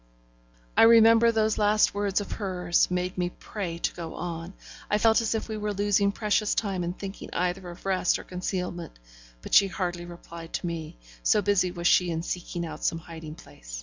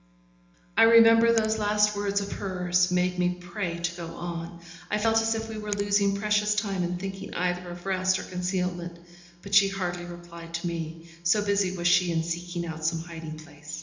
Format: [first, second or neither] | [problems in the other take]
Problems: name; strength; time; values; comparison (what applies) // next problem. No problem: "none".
first | background sound (Finger snapping); 16 dB below the speech // room echo; dies away in 1 s